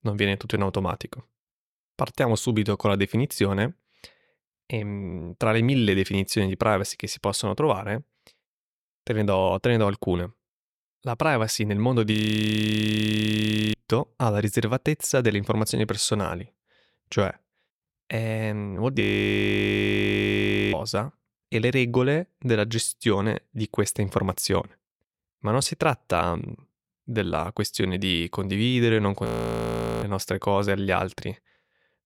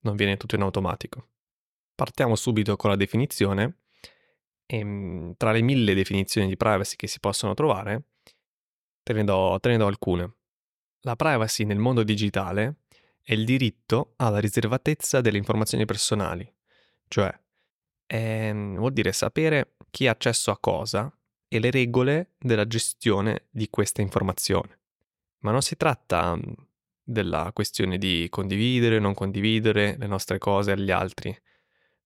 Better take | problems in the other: second | audio freezing; at 12 s for 1.5 s, at 19 s for 1.5 s and at 29 s for 1 s

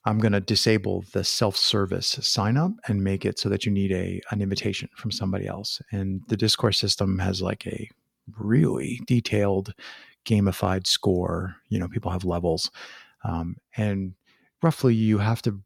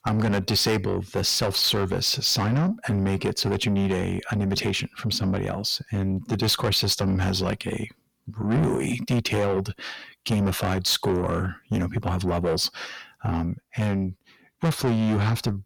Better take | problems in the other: first | distortion; heavy; 7 dB below the speech

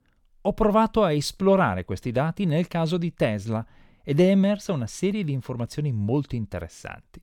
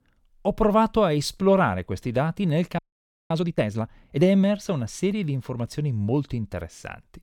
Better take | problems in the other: first | audio freezing; at 3 s for 0.5 s

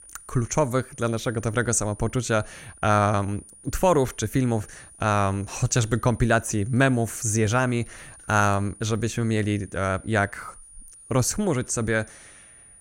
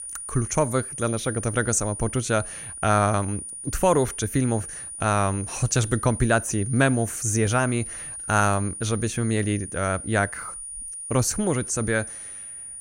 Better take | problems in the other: first | high-pitched whine; loud; throughout; 9.5 kHz, 9 dB below the speech; faint in the first

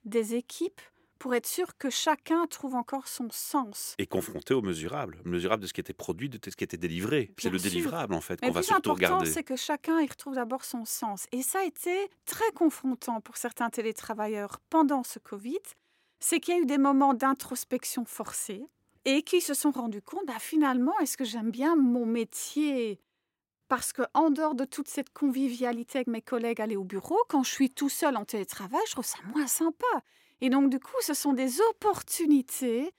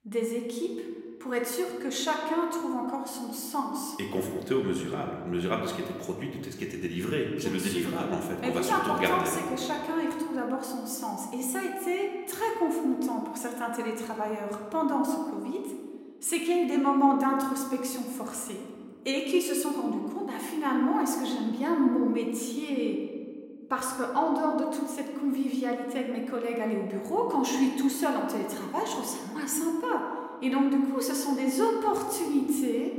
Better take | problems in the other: first | room echo; noticeable; dies away in 1.5 s // off-mic speech; somewhat distant

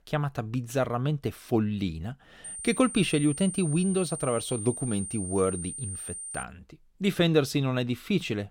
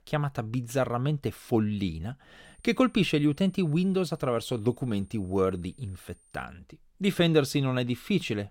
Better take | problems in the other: second | high-pitched whine; loud; from 2.5 to 6.5 s; 9 kHz, 8 dB below the speech; faint in the second

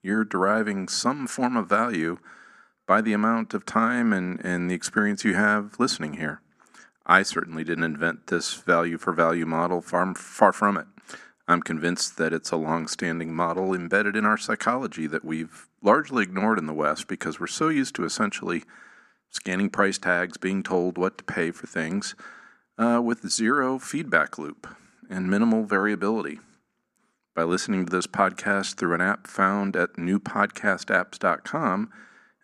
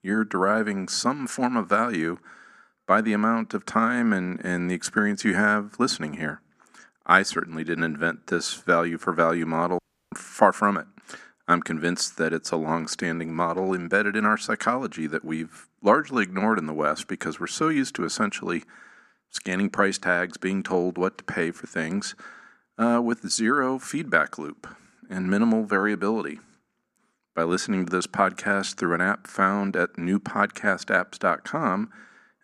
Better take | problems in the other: first | audio cutting out; at 10 s

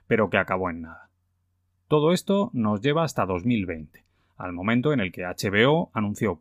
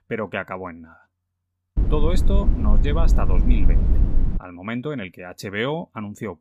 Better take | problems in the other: first | low rumble; loud; from 2 to 4.5 s; 8 dB below the speech

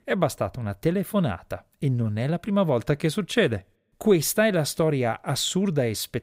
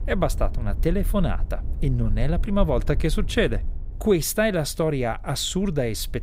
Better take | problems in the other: first | low rumble; faint; throughout; 20 dB below the speech

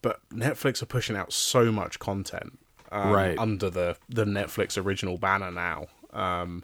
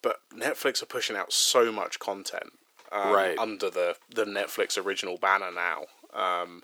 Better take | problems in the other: first | thin; very; fading below 400 Hz

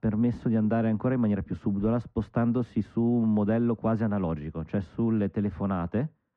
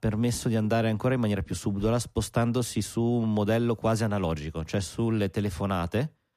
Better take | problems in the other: second | muffled; very; fading above 1.5 kHz

